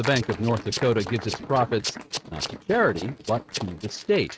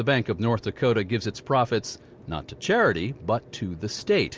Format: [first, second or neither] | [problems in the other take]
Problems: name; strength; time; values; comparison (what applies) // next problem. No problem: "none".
second | noise reduction (neural mask model RNNoise)